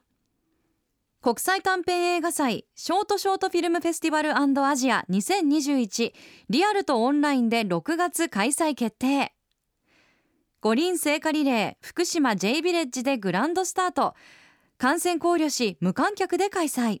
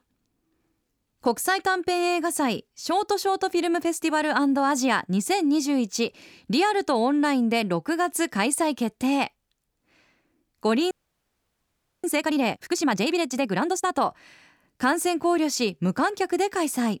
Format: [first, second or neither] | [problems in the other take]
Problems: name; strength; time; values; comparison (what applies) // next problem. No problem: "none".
first | audio freezing; at 11 s for 1 s